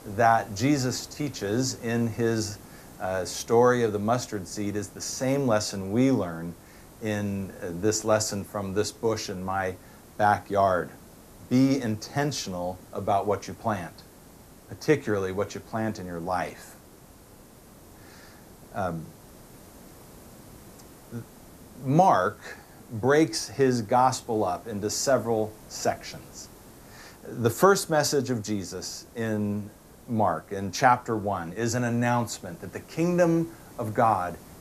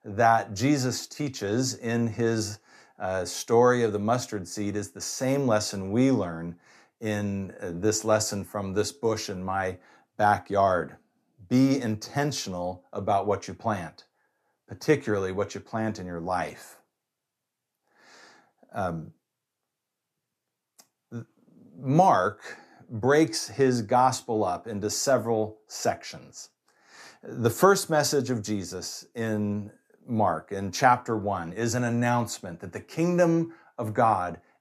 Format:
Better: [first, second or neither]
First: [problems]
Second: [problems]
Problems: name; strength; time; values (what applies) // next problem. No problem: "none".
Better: second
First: hiss; faint; throughout; 25 dB below the speech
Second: none